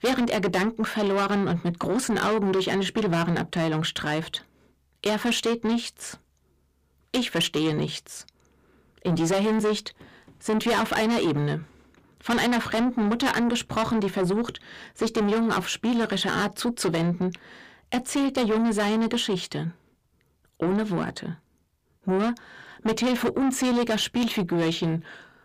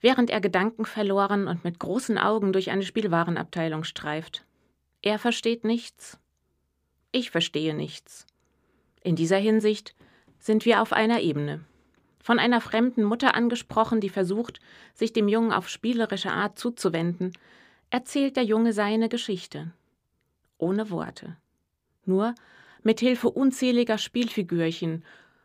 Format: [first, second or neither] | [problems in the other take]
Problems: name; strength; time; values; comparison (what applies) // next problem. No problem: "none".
second | distortion; heavy; 6 dB below the speech